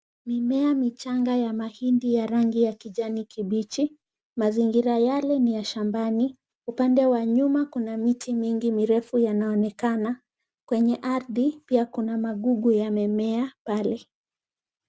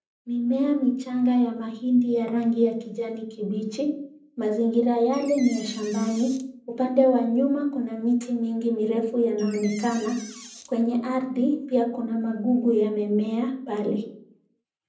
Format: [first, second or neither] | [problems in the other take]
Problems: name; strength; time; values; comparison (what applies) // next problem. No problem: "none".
first | background sound (Door); 19 dB below the speech // room echo; dies away in 0.6 s